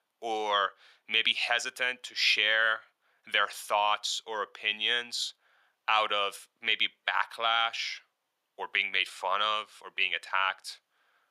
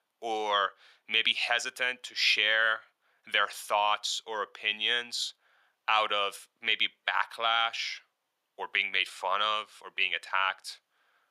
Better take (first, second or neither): neither